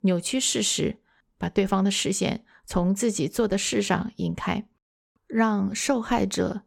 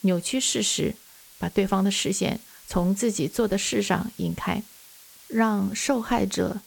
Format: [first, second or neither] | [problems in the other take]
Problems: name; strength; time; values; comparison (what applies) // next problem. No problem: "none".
first | hiss; faint; throughout; 20 dB below the speech